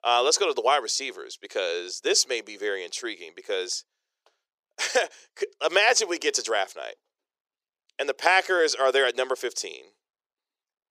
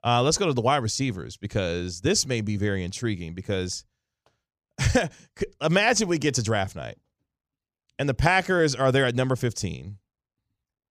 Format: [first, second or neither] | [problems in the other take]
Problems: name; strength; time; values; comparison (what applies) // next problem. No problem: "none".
second | thin; very; fading below 400 Hz